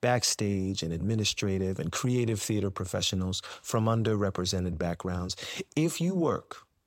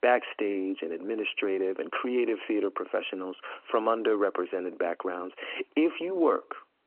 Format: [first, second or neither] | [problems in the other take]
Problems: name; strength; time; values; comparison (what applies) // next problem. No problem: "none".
first | phone-call audio